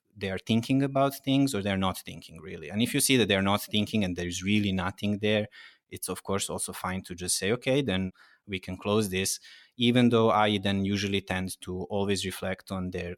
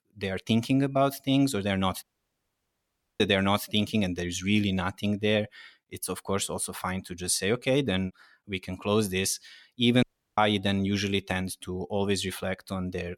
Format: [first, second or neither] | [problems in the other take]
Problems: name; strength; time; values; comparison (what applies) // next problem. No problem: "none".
first | audio cutting out; at 2 s for 1 s and at 10 s